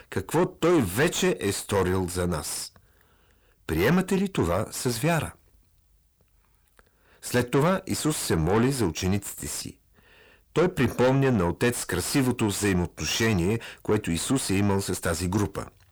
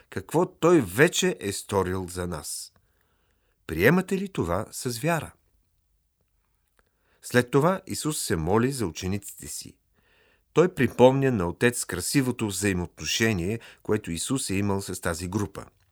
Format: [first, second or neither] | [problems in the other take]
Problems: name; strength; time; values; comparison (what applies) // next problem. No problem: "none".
second | distortion; heavy; 6 dB below the speech